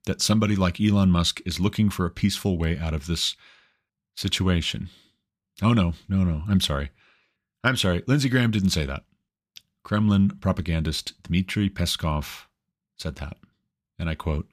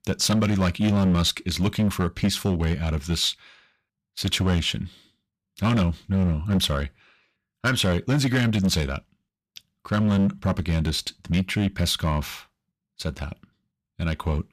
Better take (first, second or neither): first